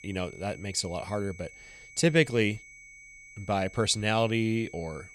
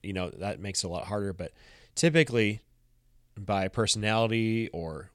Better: second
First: high-pitched whine; noticeable; throughout; 2 kHz, 20 dB below the speech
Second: none

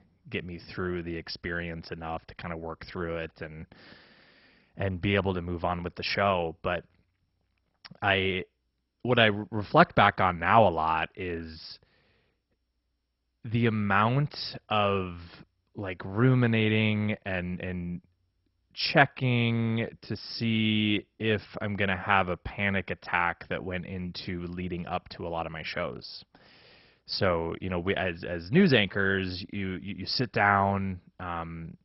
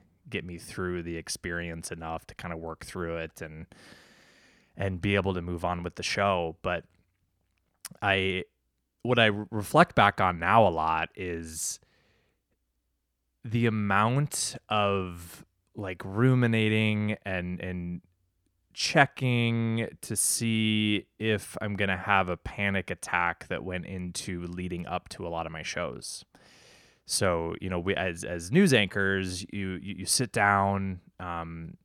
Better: second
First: garbled, watery; badly; nothing above 5.5 kHz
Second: none

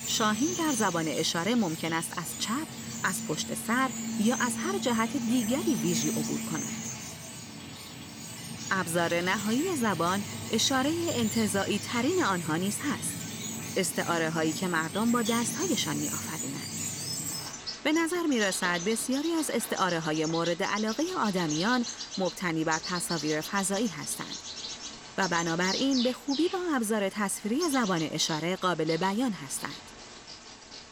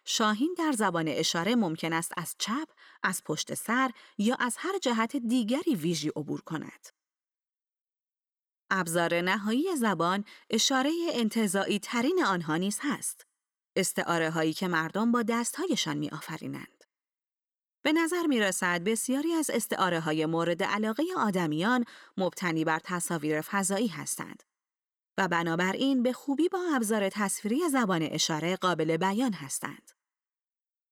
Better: second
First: animal sounds; loud; throughout; 7 dB below the speech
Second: none

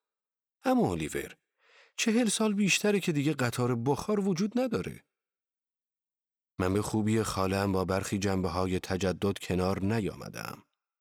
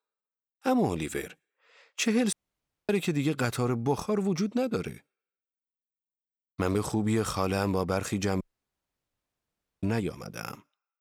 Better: first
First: none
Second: audio cutting out; at 2.5 s for 0.5 s and at 8.5 s for 1.5 s

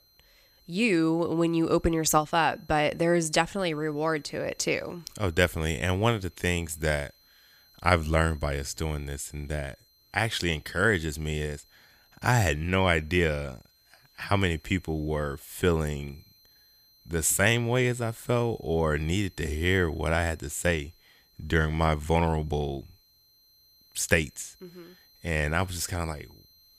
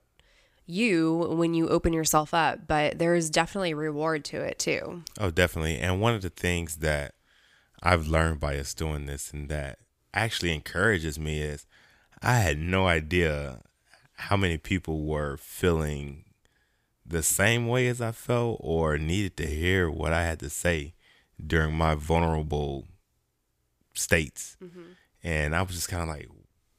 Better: second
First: high-pitched whine; faint; throughout; 4 kHz, 30 dB below the speech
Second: none

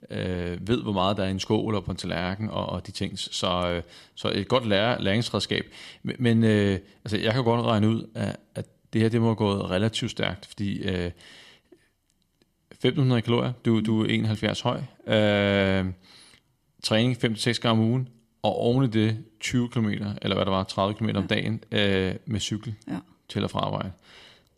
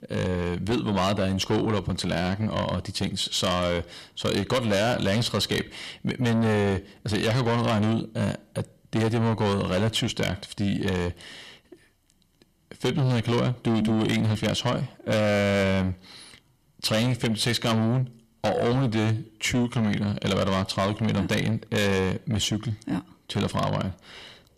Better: first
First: none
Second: distortion; heavy; 6 dB below the speech

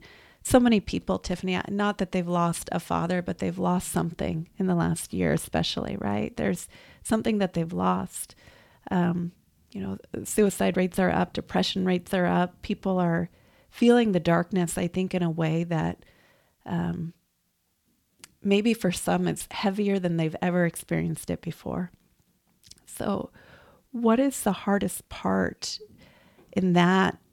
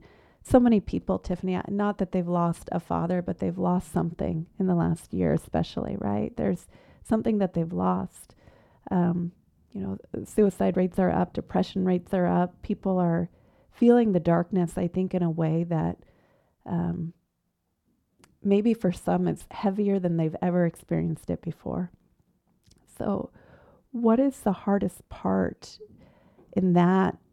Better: first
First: none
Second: muffled; slightly; fading above 1.5 kHz

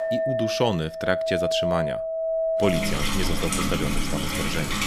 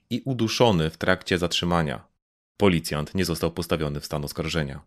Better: second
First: household noises; very loud; throughout; 2 dB above the speech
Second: none

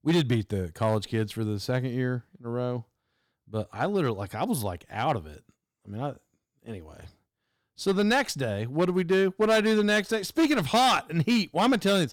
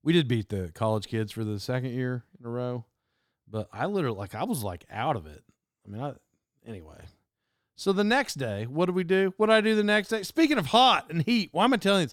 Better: second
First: distortion; slight; 4% of the sound clipped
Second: none

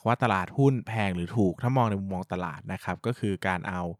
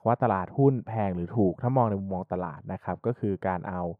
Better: first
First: none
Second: muffled; very; fading above 2 kHz

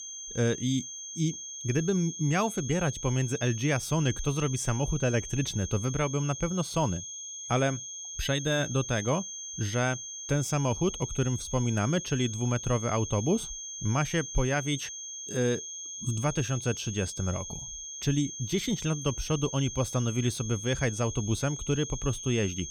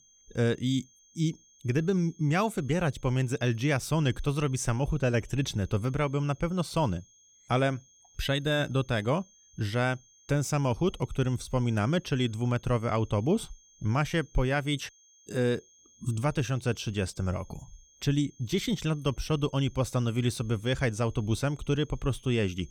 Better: second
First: high-pitched whine; loud; throughout; 6.5 kHz, 8 dB below the speech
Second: high-pitched whine; faint; throughout; 6.5 kHz, 30 dB below the speech

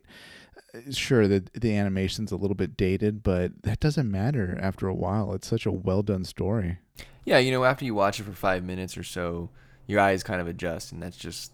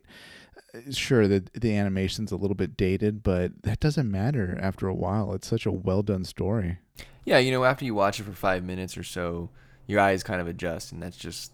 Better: neither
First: none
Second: none

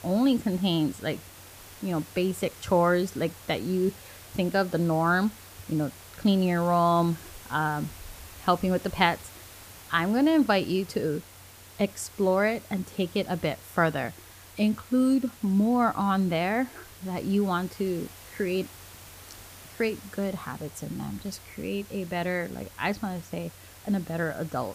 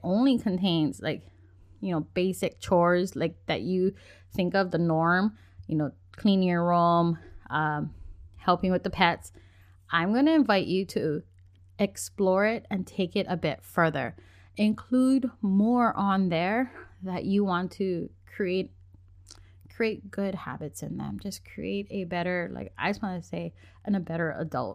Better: second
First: hiss; noticeable; throughout; 20 dB below the speech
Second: none

